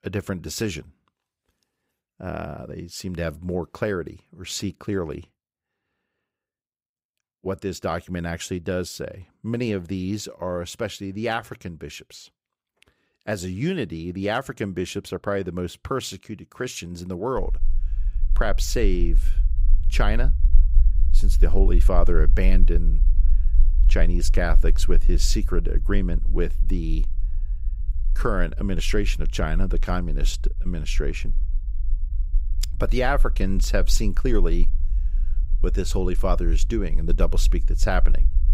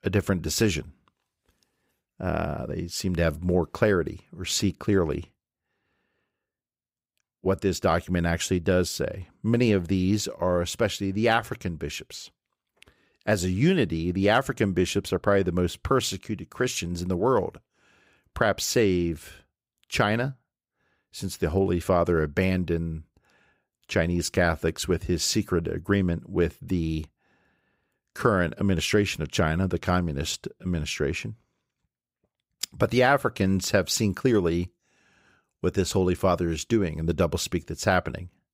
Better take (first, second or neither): second